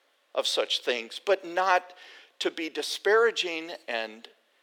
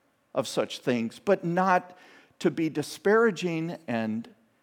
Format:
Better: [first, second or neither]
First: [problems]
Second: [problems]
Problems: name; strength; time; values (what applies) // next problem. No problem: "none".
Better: second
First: thin; very; fading below 400 Hz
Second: none